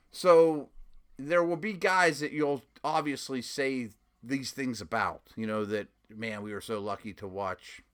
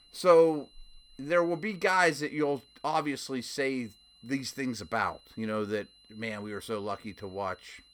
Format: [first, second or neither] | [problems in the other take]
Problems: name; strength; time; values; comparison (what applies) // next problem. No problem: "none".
first | high-pitched whine; faint; throughout; 4 kHz, 25 dB below the speech